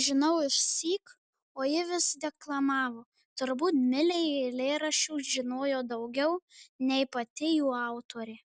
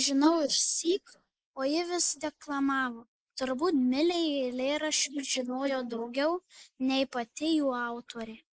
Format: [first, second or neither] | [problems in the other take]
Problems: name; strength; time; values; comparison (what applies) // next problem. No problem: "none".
first | noise reduction (neural mask model Resemble Enhance denoiser)